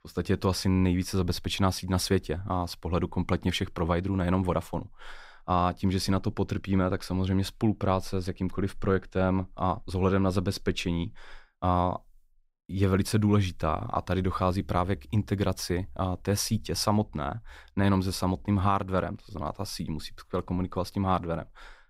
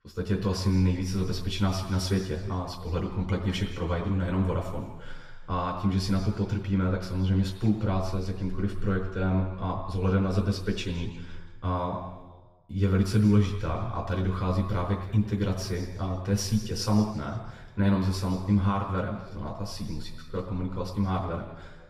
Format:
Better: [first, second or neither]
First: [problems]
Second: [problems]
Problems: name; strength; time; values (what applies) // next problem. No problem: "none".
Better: first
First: none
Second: room echo; noticeable; dies away in 1.2 s // off-mic speech; far